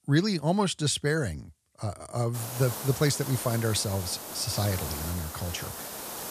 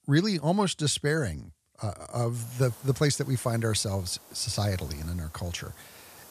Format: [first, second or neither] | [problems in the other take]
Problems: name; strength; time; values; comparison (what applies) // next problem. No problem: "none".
second | hiss; loud; from 2.5 s on; 7 dB below the speech; faint in the second